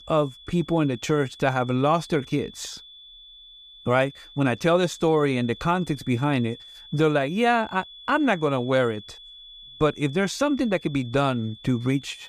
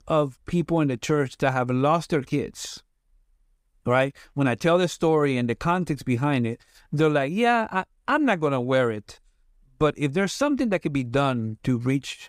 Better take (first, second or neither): second